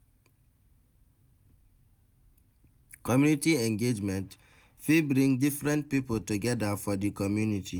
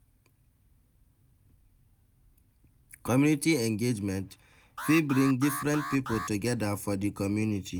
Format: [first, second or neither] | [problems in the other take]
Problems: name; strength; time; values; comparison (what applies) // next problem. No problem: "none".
first | background sound (Alarm); 8 dB below the speech